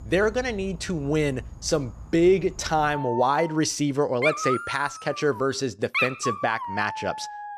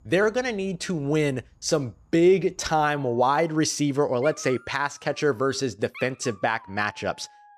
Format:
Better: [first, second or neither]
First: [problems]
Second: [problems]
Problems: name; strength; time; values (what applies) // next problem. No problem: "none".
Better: second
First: animal sounds; loud; throughout; 7 dB below the speech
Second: animal sounds; faint; throughout; 25 dB below the speech